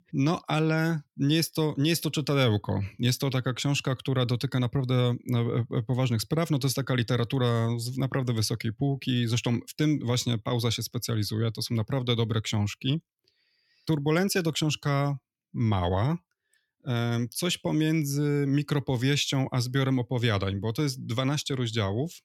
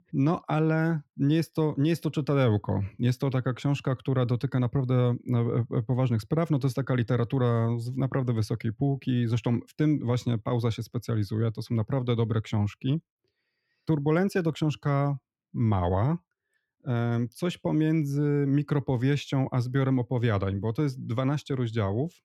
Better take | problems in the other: first | muffled; slightly; fading above 2.5 kHz

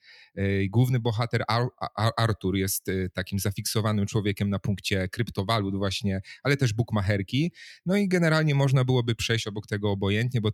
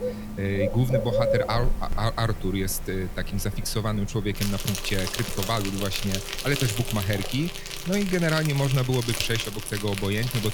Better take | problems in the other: first | animal sounds; loud; throughout; 4 dB below the speech

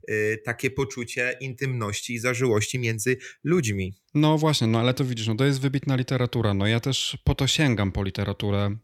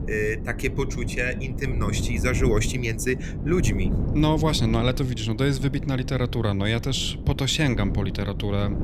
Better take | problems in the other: first | wind noise on the microphone; occasional gusts; 10 dB below the speech

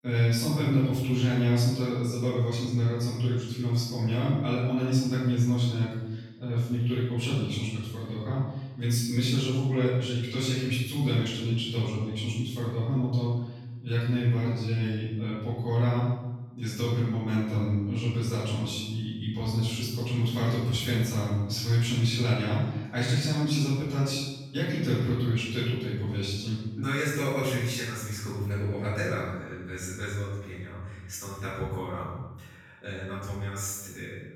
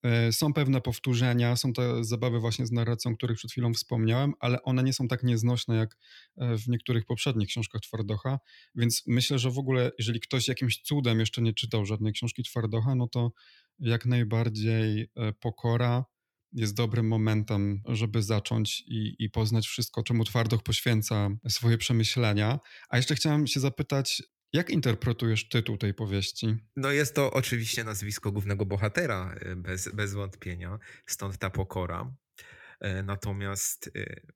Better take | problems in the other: second | room echo; strong; dies away in 0.9 s // off-mic speech; far

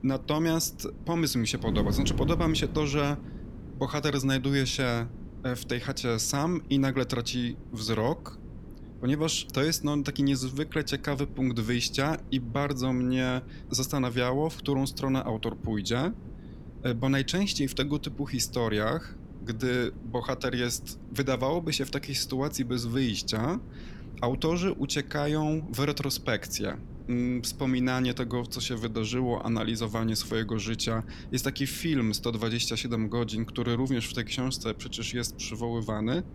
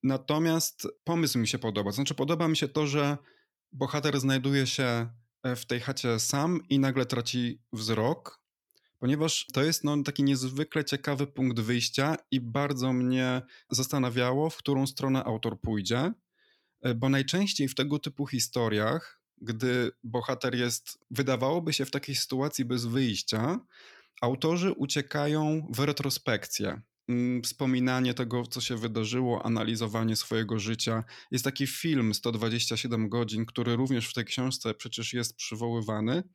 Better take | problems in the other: second | wind noise on the microphone; occasional gusts; 20 dB below the speech

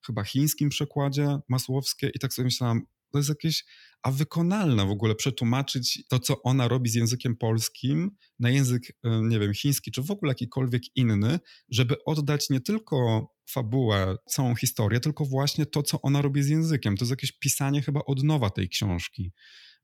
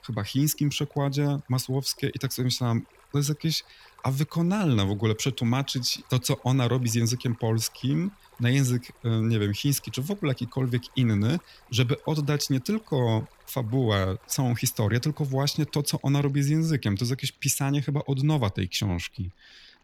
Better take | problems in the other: first | rain or running water; faint; throughout; 30 dB below the speech

